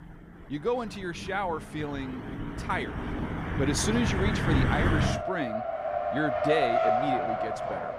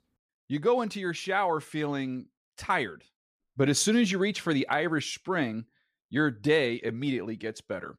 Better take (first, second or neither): second